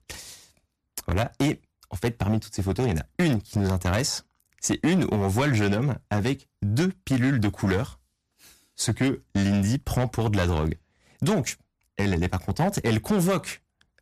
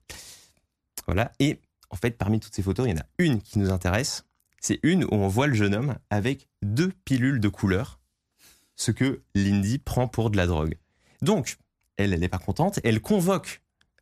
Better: second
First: distortion; slight; 7% of the sound clipped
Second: none

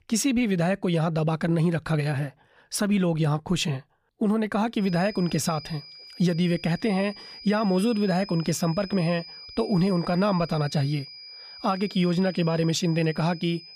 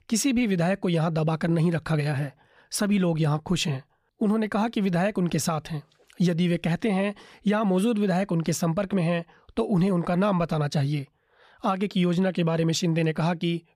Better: second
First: high-pitched whine; noticeable; from 5 s on; 5 kHz, 15 dB below the speech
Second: none

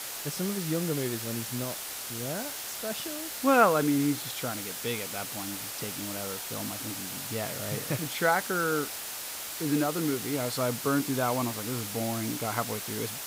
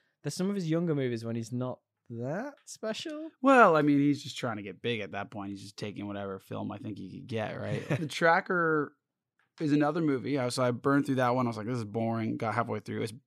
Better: second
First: hiss; loud; throughout; 4 dB below the speech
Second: none

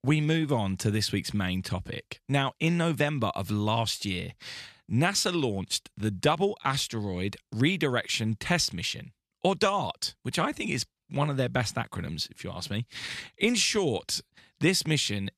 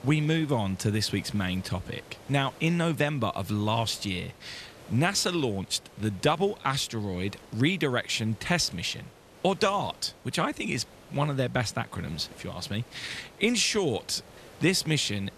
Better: first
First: none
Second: hiss; faint; throughout; 20 dB below the speech

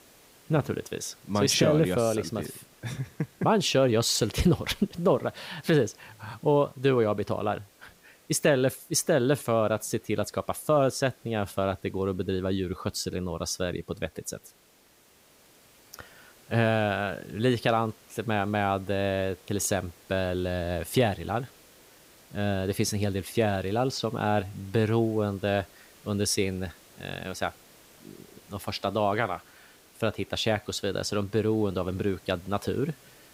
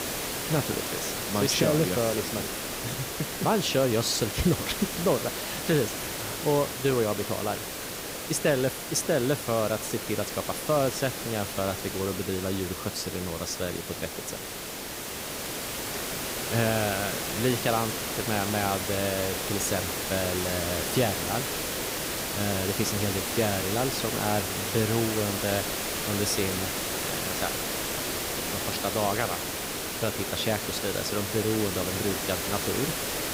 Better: first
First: hiss; faint; throughout; 25 dB below the speech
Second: hiss; loud; throughout; 1 dB below the speech

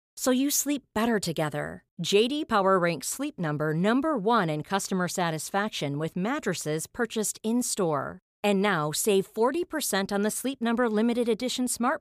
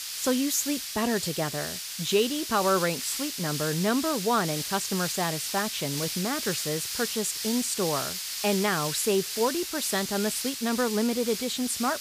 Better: first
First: none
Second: hiss; loud; throughout; 3 dB below the speech

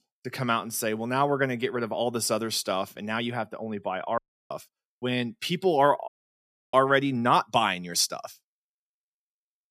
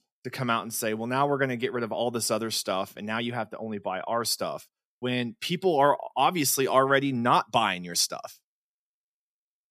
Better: second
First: audio cutting out; at 4 s and at 6 s for 0.5 s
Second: none

